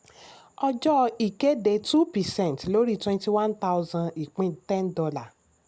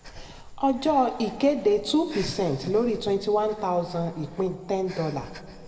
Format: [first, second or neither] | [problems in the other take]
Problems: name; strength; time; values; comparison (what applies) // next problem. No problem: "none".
first | background sound (Breathing); 18 dB below the speech // room echo; dies away in 1.9 s